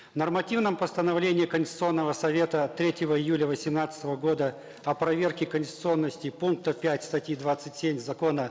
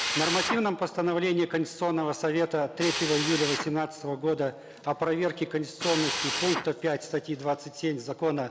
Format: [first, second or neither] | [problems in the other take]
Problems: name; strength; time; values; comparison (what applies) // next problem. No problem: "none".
first | background sound (Drill); 7 dB below the speech